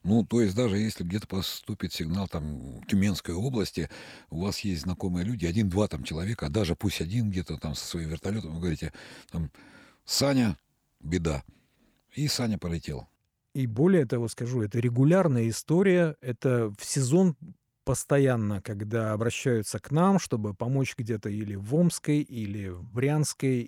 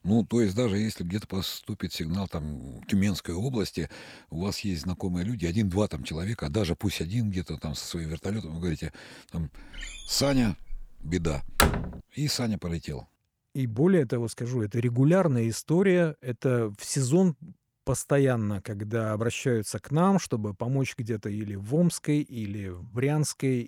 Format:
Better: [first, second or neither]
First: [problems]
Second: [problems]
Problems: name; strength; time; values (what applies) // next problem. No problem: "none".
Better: first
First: none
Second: door banging; loud; from 10 to 12 s; peak 4 dB above the speech